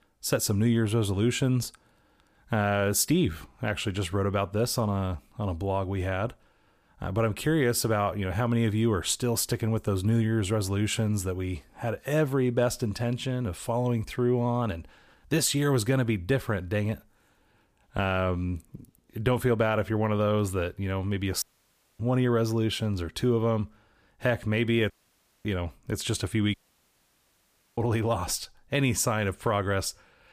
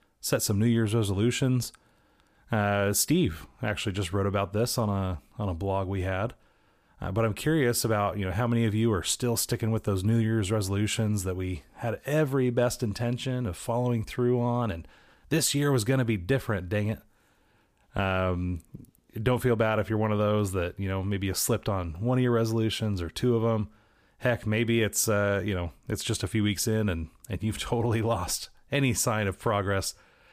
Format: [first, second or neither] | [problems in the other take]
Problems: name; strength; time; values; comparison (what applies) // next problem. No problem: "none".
second | audio cutting out; at 21 s for 0.5 s, at 25 s for 0.5 s and at 27 s for 1 s